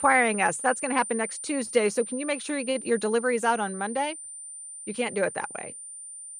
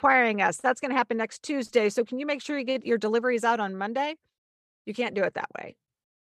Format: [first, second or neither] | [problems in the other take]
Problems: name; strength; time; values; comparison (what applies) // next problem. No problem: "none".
second | high-pitched whine; loud; throughout; 9 kHz, 9 dB below the speech